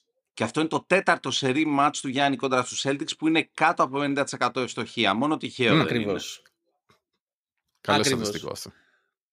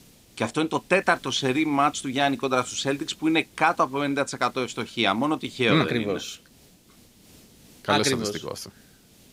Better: first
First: none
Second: hiss; faint; throughout; 30 dB below the speech

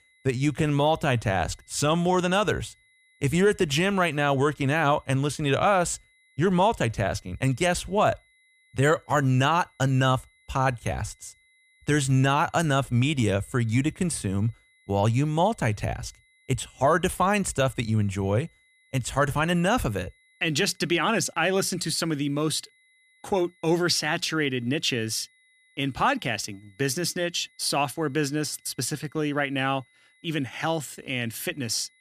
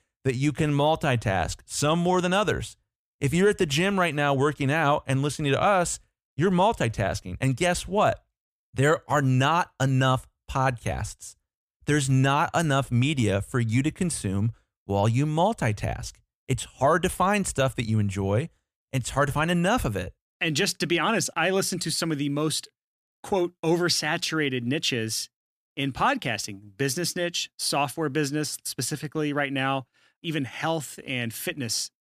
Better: second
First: high-pitched whine; faint; throughout; 2 kHz, 35 dB below the speech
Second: none

